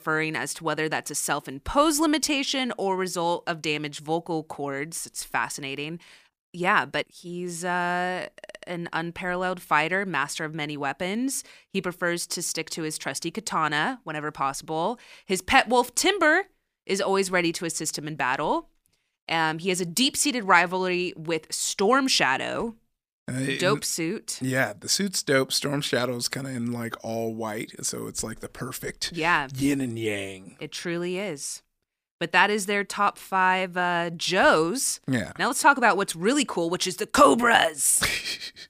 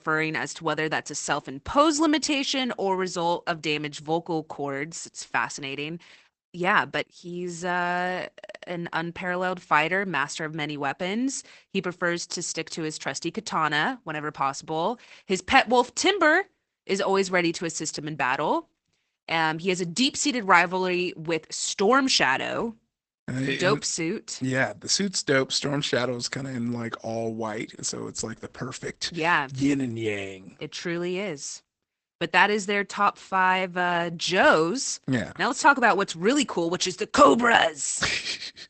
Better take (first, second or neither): first